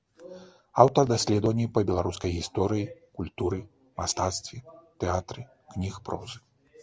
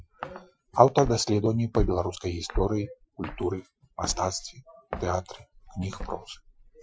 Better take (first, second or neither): first